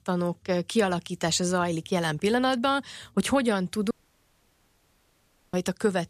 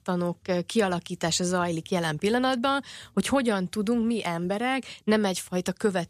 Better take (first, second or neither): second